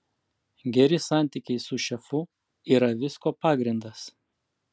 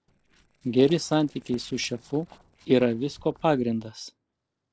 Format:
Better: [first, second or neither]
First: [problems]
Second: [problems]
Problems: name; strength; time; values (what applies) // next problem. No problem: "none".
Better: first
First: none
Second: noise reduction (neural separator model SepFormer DNS4)